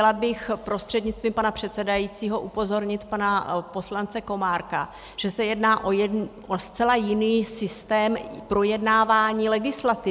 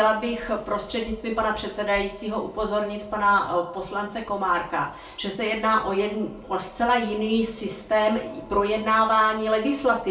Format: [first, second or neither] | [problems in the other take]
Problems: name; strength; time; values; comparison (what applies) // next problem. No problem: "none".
first | room echo; dies away in 0.3 s